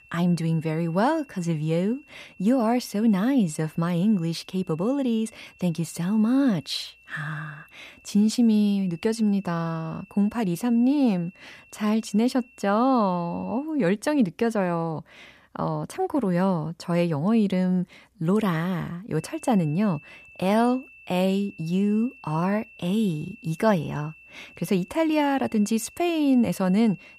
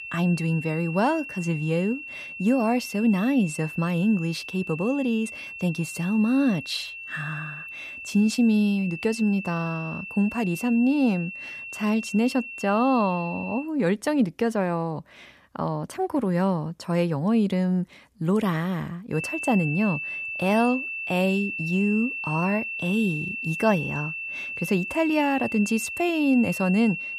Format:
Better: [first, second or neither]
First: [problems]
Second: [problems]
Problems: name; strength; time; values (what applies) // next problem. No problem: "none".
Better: first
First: high-pitched whine; faint; until 14 s and from 19 s on; 2.5 kHz, 25 dB below the speech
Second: high-pitched whine; loud; until 14 s and from 19 s on; 2.5 kHz, 8 dB below the speech